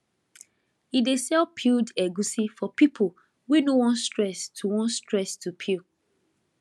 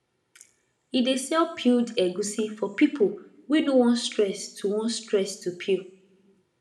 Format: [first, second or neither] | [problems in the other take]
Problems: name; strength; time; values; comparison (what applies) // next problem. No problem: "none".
first | room echo; dies away in 0.6 s